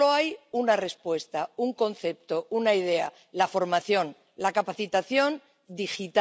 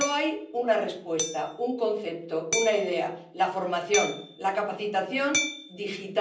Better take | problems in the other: first | background sound (Hammer); 8 dB below the speech // room echo; dies away in 0.6 s

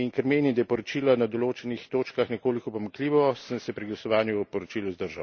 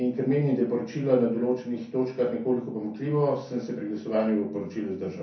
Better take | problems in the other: first | room echo; dies away in 0.6 s

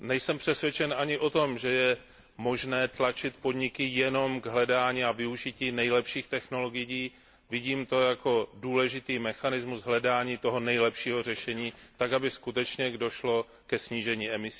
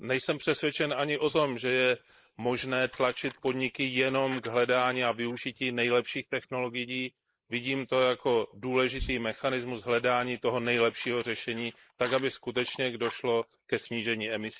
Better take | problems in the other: first | noise reduction (neural mask model Resemble Enhance denoiser)

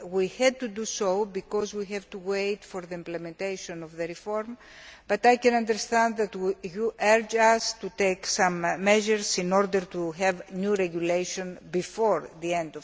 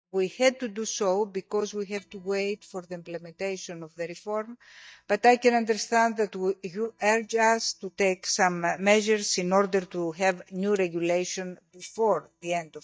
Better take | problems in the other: first | noise reduction (neural mask model DeepFilterNet 3)

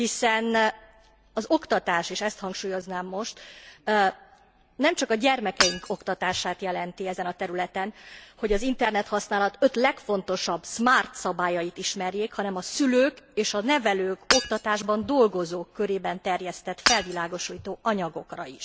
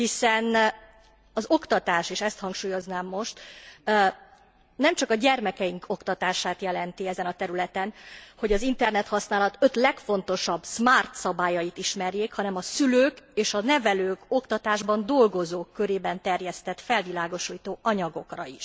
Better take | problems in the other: second | background sound (Shatter / Hammer); 4 dB below the speech

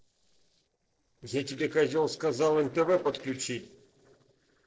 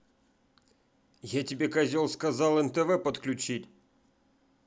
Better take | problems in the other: second | noise reduction (neural separator model SepFormer DNS4)

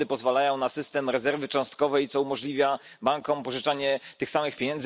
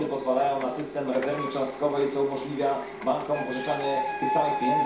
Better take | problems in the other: first | background sound (Printer); 4 dB below the speech // room echo; dies away in 0.6 s

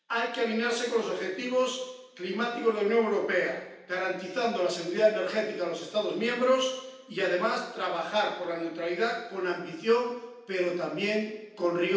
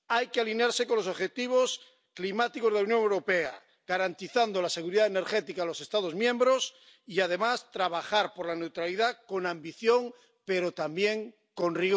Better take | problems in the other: second | room echo; dies away in 0.9 s

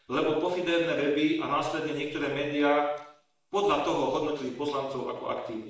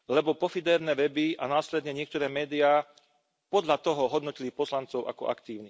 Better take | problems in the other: second | room echo; dies away in 0.7 s

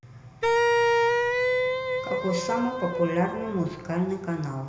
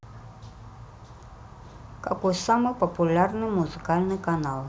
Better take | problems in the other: second | background sound (Wind instrument, woodwind instrument); 4 dB above the speech // room echo; dies away in 1.4 s

